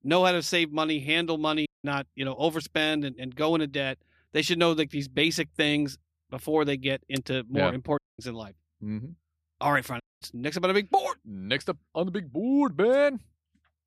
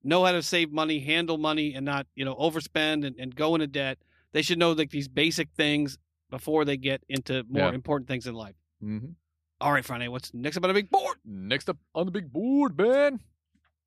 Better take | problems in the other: second | audio cutting out; at 1.5 s, at 8 s and at 10 s

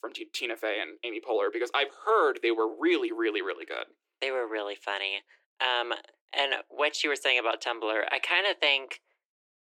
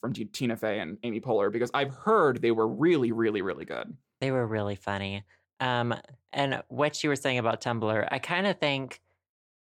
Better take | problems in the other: second | thin; very; fading below 300 Hz

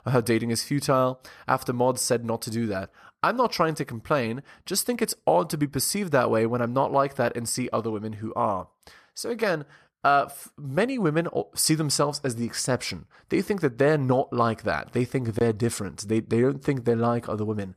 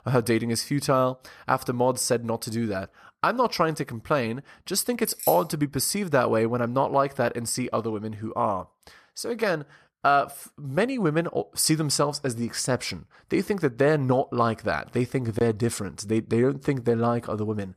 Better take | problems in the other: first | jangling keys; noticeable; at 5 s; peak 5 dB below the speech

